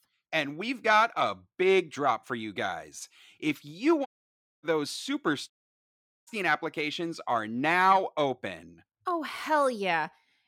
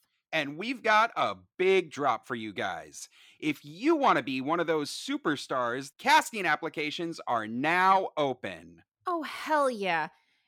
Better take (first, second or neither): second